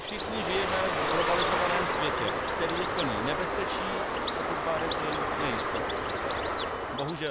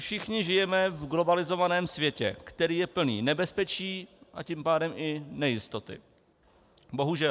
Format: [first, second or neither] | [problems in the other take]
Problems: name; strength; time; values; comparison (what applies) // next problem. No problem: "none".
second | background sound (Bird); 5 dB above the speech